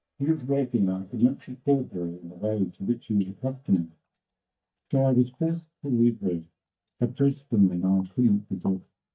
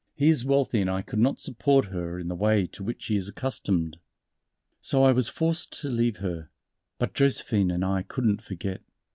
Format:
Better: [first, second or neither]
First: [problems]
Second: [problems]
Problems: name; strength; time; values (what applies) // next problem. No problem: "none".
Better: second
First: noise reduction (neural mask model DeepFilterNet 3)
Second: none